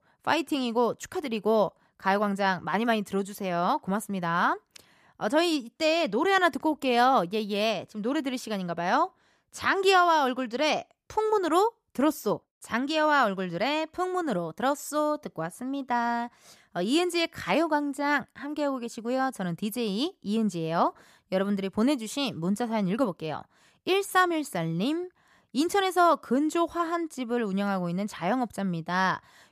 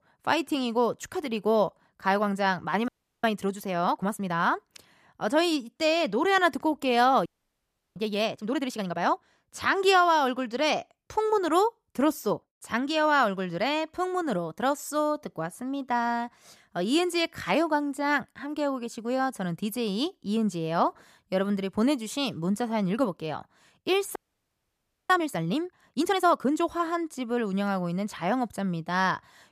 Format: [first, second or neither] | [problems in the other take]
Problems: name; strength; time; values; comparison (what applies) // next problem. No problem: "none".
first | audio freezing; at 3 s, at 7.5 s for 0.5 s and at 24 s for 1 s